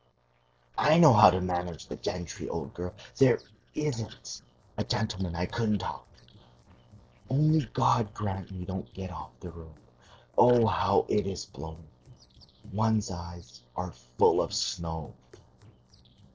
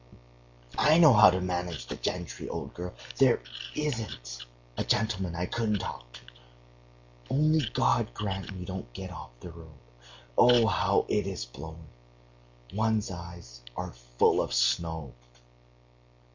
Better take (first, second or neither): second